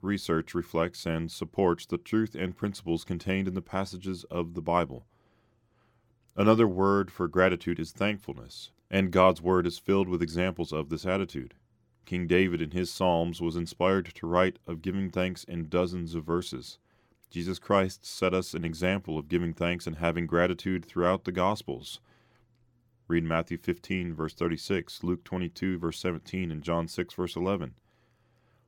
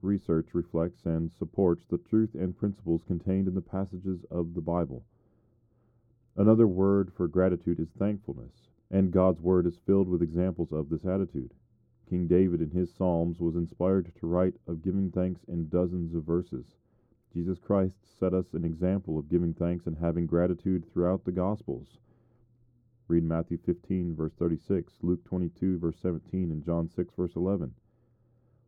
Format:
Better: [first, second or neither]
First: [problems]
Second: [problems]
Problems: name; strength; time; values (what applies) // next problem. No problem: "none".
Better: first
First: none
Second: muffled; very; fading above 1 kHz